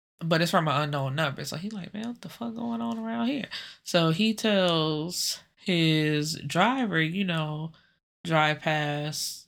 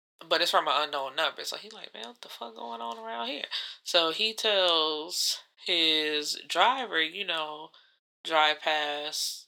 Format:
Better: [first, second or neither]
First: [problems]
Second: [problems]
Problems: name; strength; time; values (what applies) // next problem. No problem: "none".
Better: first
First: none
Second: thin; very; fading below 400 Hz